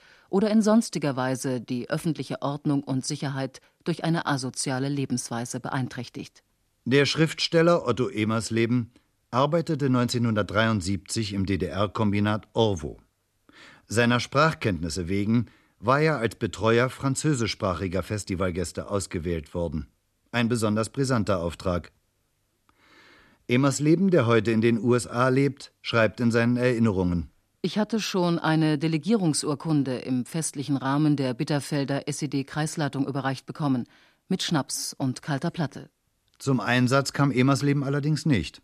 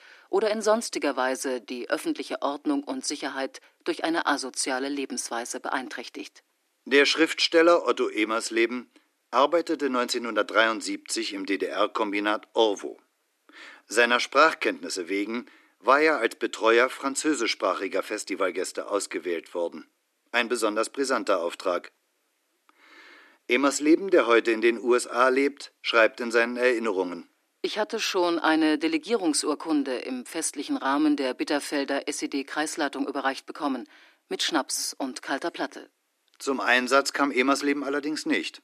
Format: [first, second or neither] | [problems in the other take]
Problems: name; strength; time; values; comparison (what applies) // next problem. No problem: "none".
first | thin; somewhat; fading below 300 Hz